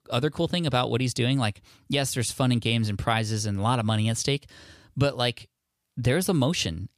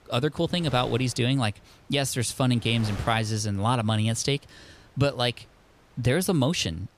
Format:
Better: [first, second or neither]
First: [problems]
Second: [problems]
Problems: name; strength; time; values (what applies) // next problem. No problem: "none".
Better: first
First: none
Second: wind noise on the microphone; occasional gusts; 20 dB below the speech